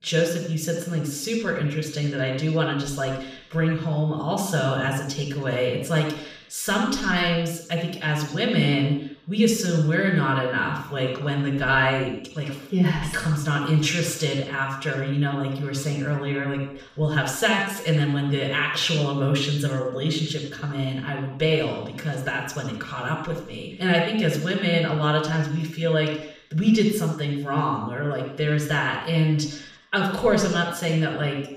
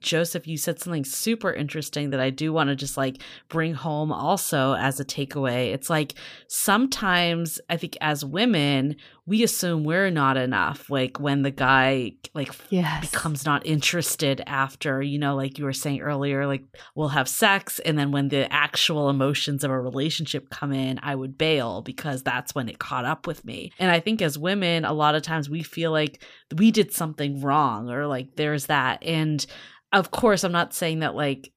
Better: second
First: room echo; noticeable; dies away in 0.7 s // off-mic speech; far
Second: none

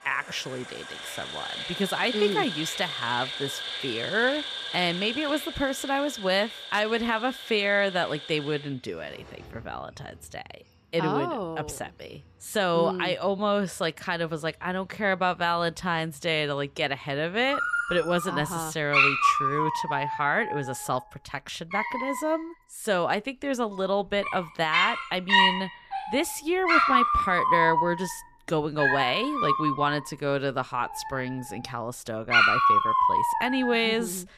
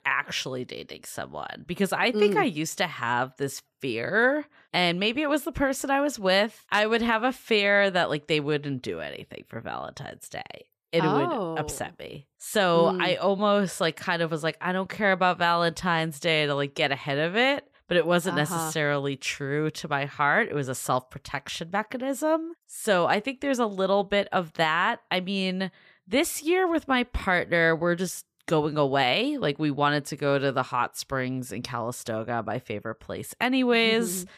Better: second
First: animal sounds; very loud; throughout; 1 dB above the speech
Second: none

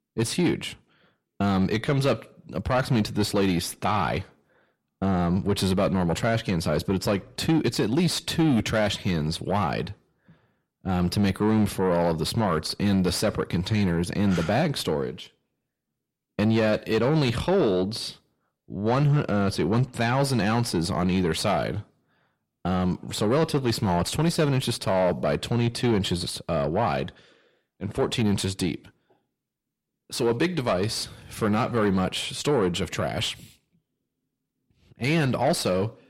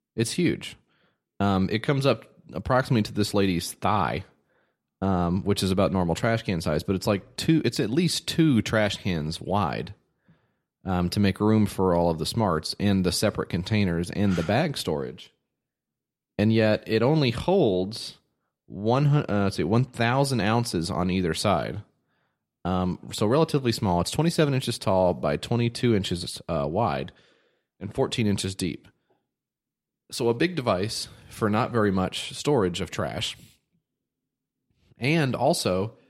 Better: second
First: distortion; slight; 10 dB below the speech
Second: none

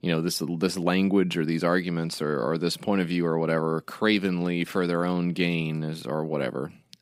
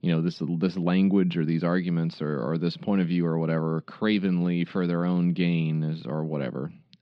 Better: first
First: none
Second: muffled; very slightly; fading above 4 kHz

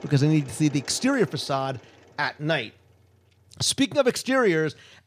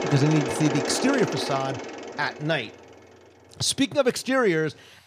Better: first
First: machinery noise; faint; throughout; 20 dB below the speech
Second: machinery noise; loud; throughout; 5 dB below the speech

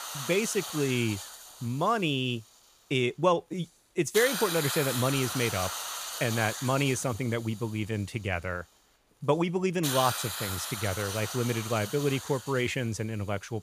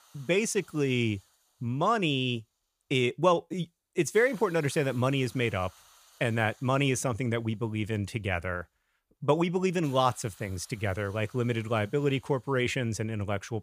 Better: second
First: hiss; loud; throughout; 5 dB below the speech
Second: hiss; faint; throughout; 25 dB below the speech

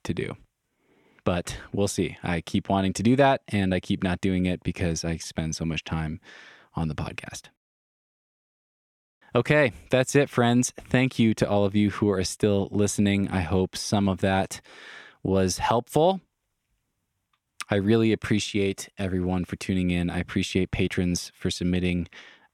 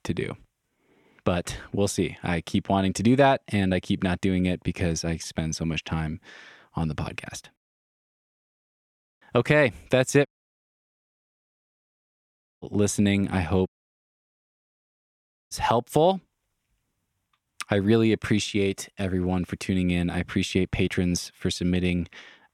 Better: first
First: none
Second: audio cutting out; at 10 s for 2.5 s and at 14 s for 2 s

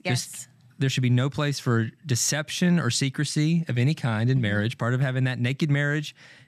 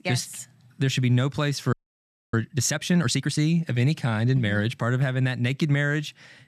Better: first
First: none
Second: audio freezing; at 1.5 s for 0.5 s

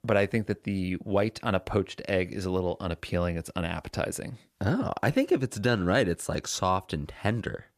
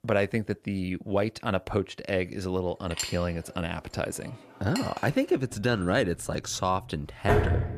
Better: first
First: none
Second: household noises; loud; from 3 s on; 2 dB below the speech

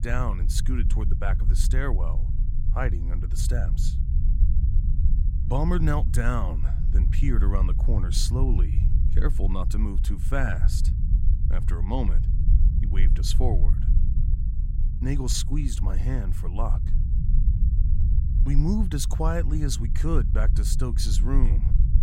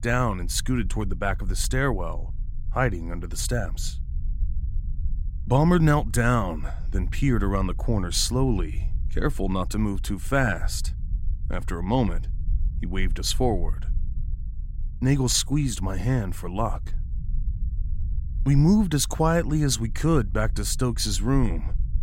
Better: second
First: low rumble; loud; throughout; 10 dB below the speech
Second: low rumble; faint; throughout; 25 dB below the speech

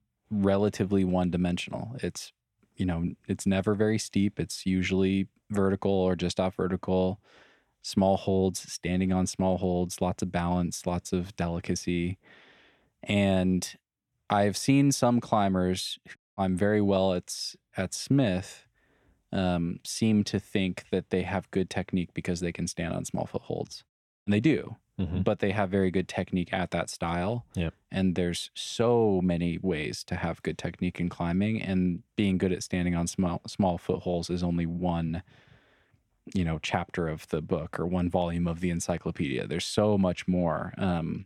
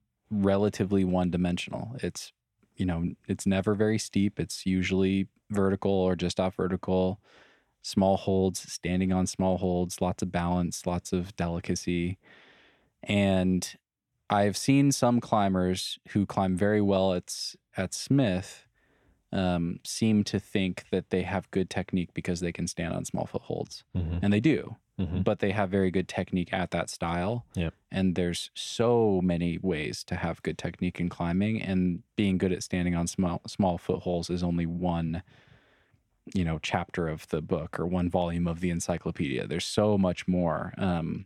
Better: second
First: audio cutting out; at 16 s and at 24 s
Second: none

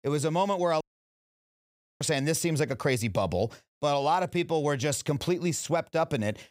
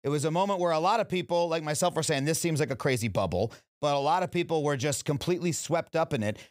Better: second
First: audio cutting out; at 1 s for 1 s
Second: none

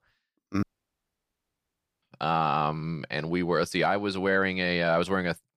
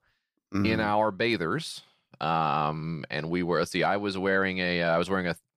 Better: second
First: audio cutting out; at 0.5 s for 1.5 s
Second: none

